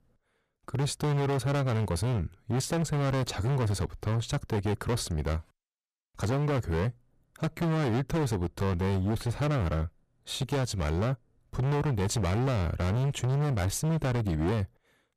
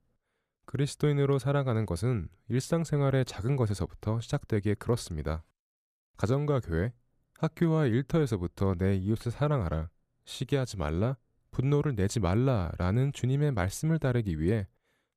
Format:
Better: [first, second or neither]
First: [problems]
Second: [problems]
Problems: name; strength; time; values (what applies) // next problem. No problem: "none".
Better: second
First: distortion; heavy; 28% of the sound clipped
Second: none